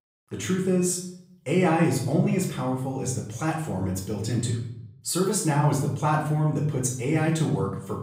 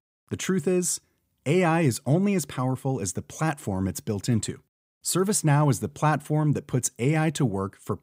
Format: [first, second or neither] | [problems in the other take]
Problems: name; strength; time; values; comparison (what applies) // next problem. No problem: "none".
second | off-mic speech; far // room echo; slight; dies away in 0.6 s